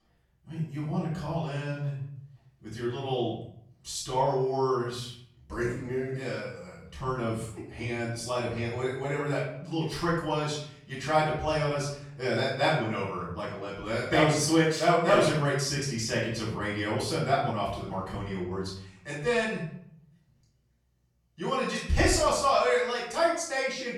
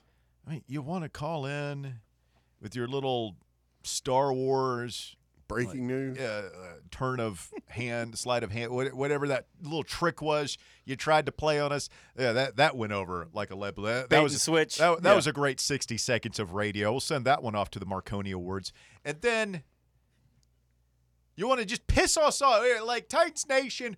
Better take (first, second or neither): second